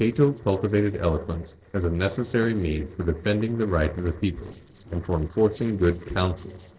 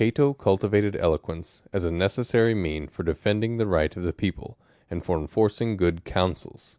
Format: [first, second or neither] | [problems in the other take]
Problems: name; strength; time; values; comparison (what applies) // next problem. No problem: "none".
second | noise reduction (neural separator model SepFormer DNS4)